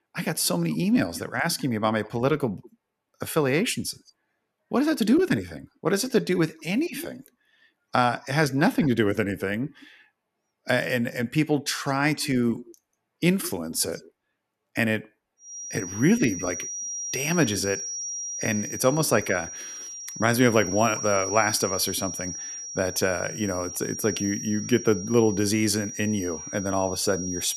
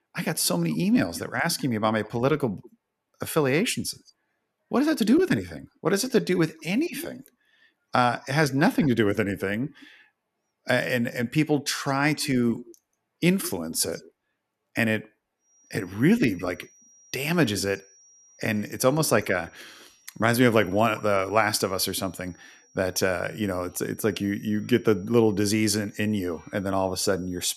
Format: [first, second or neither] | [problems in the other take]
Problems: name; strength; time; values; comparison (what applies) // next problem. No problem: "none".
second | high-pitched whine; loud; from 15 s on; 5.5 kHz, 7 dB below the speech; faint in the second